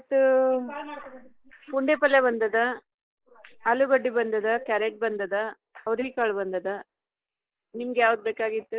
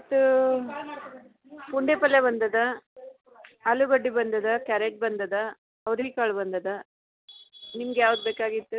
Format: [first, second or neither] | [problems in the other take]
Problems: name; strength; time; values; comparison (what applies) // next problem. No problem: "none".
second | noise reduction (neural mask model Resemble Enhance denoiser)